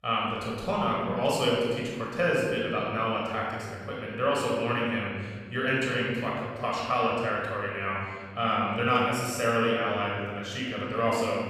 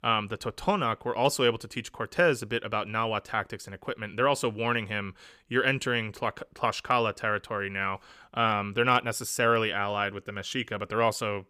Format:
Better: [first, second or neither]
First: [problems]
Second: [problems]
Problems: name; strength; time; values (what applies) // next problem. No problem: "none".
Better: second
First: off-mic speech; far // room echo; strong; dies away in 1.8 s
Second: none